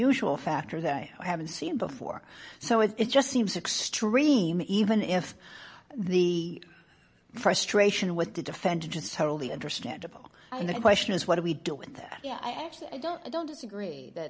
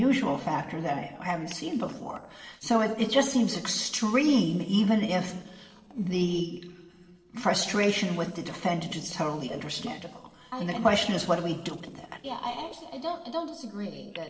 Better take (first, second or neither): first